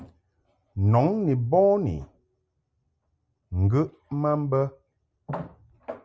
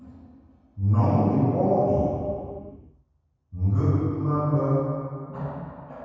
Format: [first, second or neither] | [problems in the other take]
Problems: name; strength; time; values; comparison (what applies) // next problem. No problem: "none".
first | room echo; dies away in 2.1 s